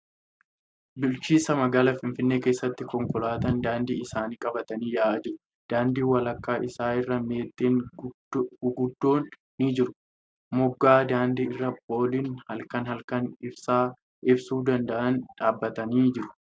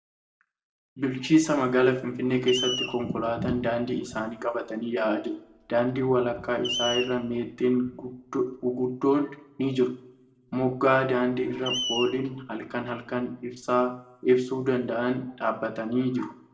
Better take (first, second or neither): first